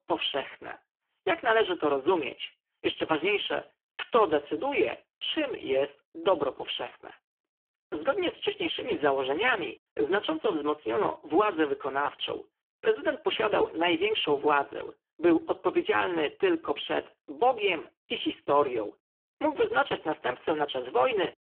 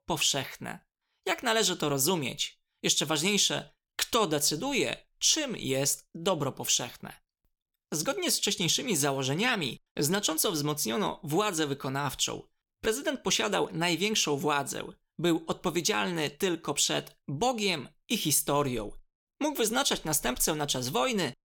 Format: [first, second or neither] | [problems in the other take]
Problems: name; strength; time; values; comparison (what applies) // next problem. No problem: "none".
second | phone-call audio; poor line; nothing above 3.5 kHz